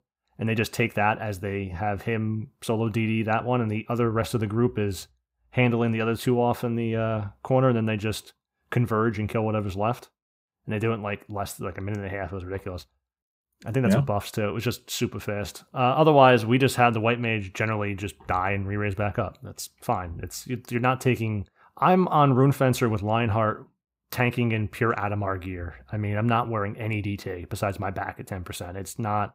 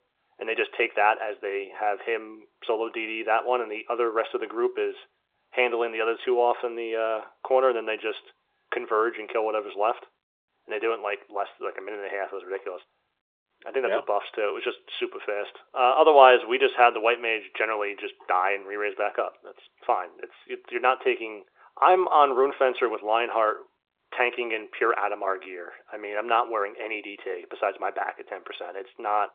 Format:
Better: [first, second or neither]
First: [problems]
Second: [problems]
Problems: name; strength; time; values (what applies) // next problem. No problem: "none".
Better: first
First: none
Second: phone-call audio